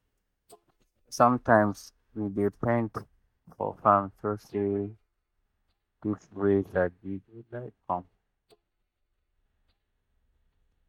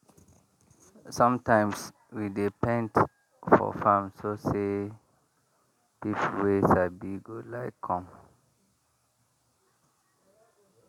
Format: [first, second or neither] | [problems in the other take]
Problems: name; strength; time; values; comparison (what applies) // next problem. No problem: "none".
second | noise reduction (neural mask model DeepFilterNet 3)